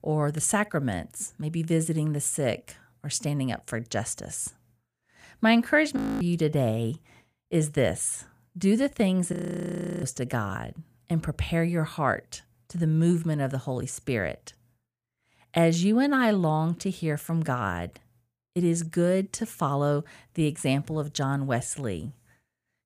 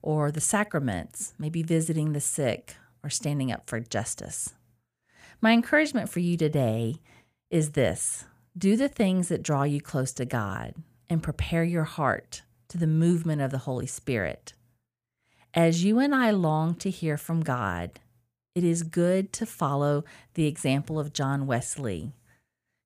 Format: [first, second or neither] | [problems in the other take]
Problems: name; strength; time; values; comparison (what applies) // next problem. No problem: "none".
second | audio freezing; at 6 s and at 9.5 s for 0.5 s